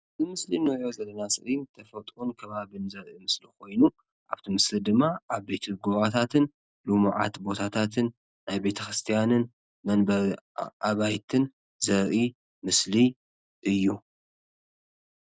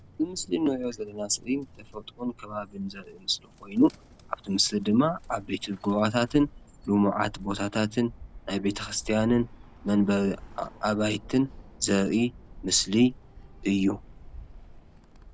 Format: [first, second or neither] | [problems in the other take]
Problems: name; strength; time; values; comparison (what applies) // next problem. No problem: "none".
first | background sound (Bird); 19 dB below the speech